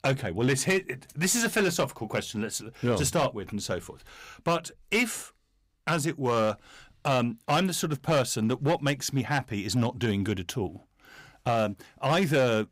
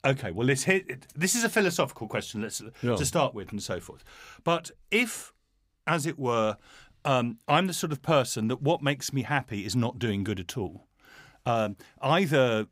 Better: second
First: distortion; slight; 5% of the sound clipped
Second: none

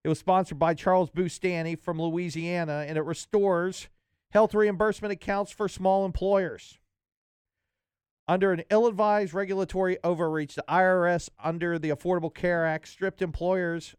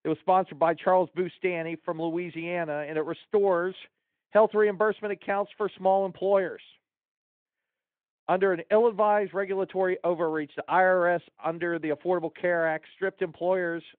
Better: first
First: none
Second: phone-call audio; nothing above 3.5 kHz

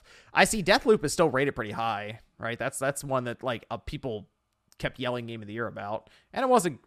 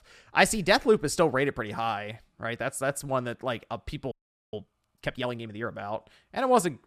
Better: first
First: none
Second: audio freezing; at 4 s

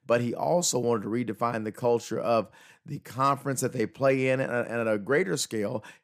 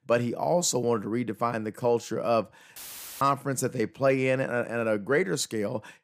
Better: first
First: none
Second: audio cutting out; filled with static; at 3 s

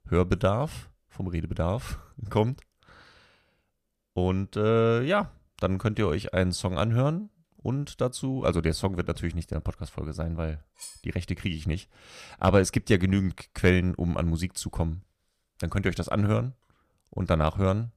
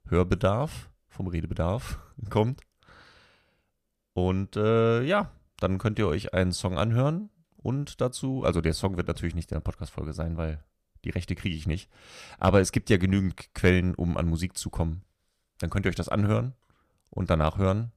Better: second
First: clattering dishes; faint; at 11 s; peak 15 dB below the speech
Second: none

